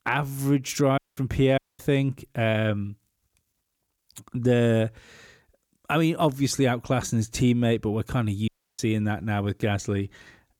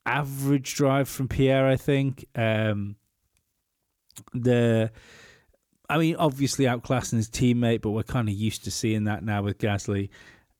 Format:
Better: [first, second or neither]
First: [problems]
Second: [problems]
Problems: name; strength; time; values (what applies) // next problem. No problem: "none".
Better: second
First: audio cutting out; at 1 s, at 1.5 s and at 8.5 s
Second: none